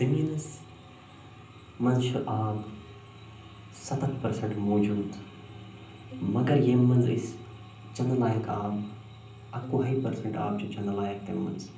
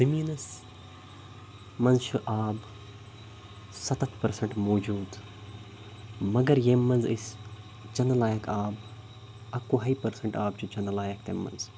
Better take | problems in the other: second | background sound (Bowed string instrument); 19 dB below the speech // room echo; dies away in 0.6 s

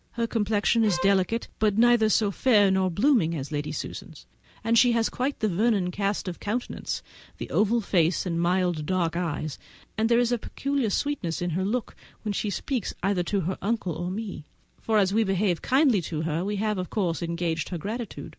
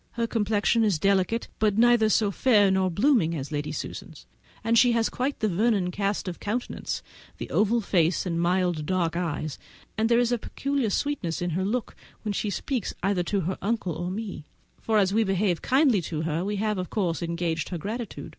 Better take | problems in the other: second | background sound (Bowed string instrument); 11 dB below the speech

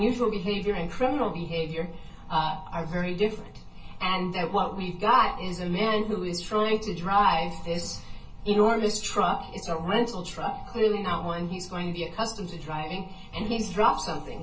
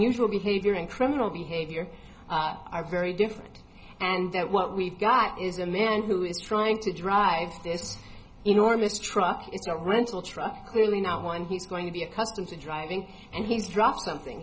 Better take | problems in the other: second | room echo; dies away in 0.2 s

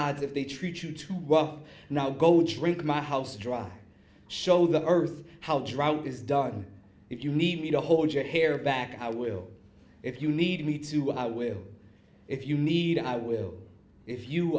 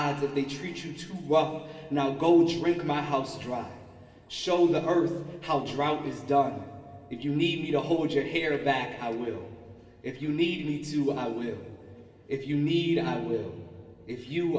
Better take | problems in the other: first | room echo; dies away in 2 s

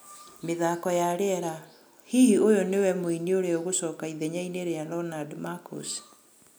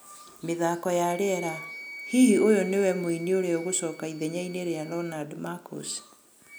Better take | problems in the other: first | background sound (Wind instrument, woodwind instrument); 17 dB below the speech

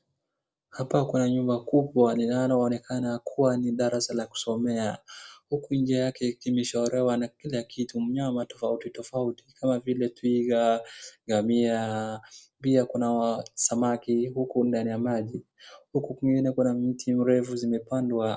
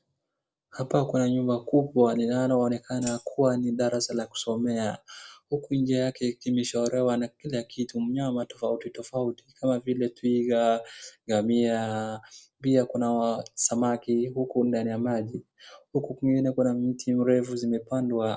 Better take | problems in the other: first | background sound (Tambourine); 15 dB below the speech

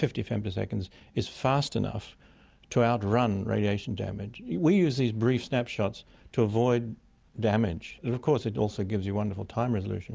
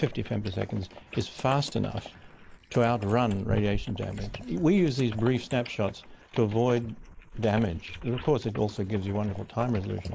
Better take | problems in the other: first | noise reduction (neural mask model Resemble Enhance denoiser)

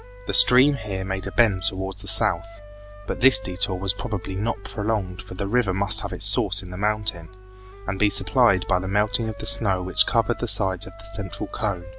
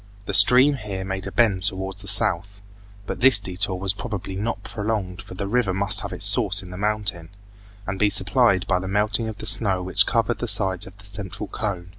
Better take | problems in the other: second | background sound (Wind instrument, woodwind instrument); 20 dB below the speech

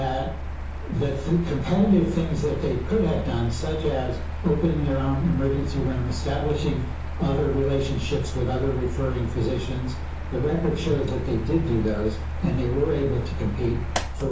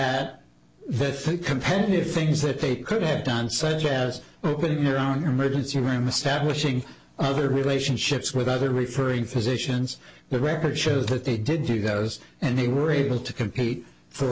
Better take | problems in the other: second | background sound (Mechanical fan); 4 dB below the speech // room echo; dies away in 0.7 s

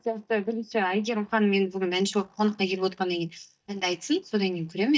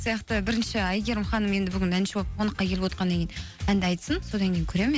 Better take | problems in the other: second | noise reduction (neural mask model DeepFilterNet 3)

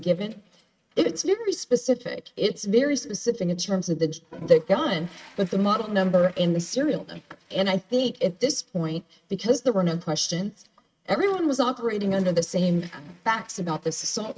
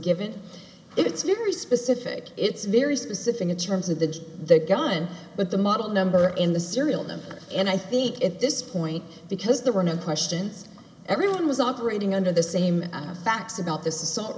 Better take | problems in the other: second | noise reduction (neural mask model RNNoise)

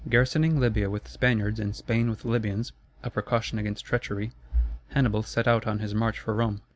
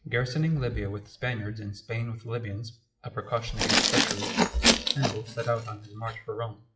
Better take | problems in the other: first | noise reduction (classical method WPE with log-MMSE)

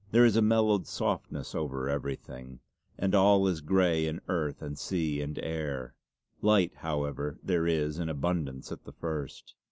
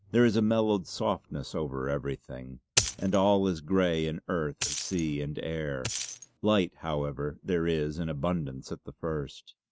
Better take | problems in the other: first | noise reduction (neural mask model RNNoise)

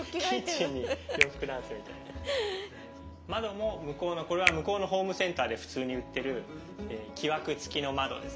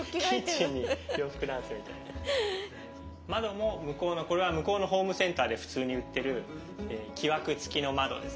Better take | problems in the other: second | background sound (Finger snapping); 4 dB below the speech

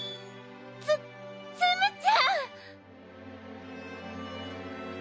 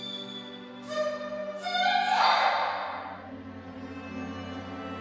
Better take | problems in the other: first | room echo; dies away in 2.1 s

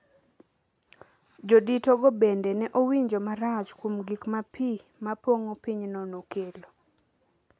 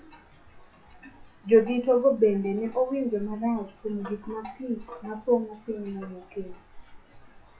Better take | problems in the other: first | noise reduction (classical method WPE with log-MMSE)

